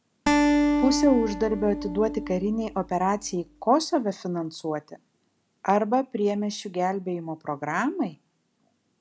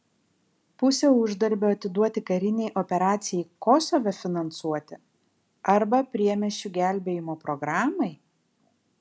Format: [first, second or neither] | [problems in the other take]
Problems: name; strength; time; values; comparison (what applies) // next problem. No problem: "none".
second | background sound (Acoustic guitar); as loud as the speech